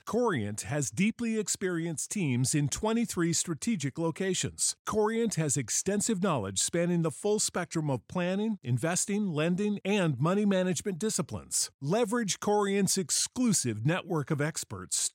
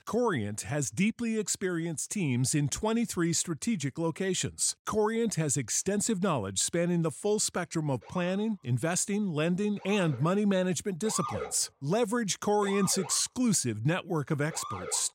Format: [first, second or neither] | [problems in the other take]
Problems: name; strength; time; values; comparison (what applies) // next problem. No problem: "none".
first | siren; noticeable; from 8 s on; peak 7 dB below the speech